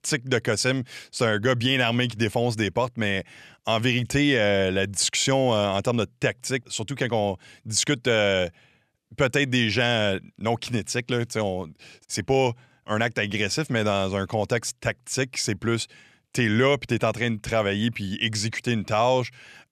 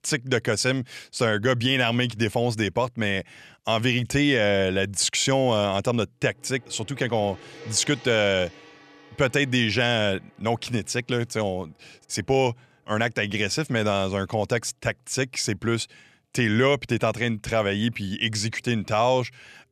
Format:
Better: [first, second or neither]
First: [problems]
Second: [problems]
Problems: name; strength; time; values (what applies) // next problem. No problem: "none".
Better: first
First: none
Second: background music; faint; from 6.5 s on; 25 dB below the speech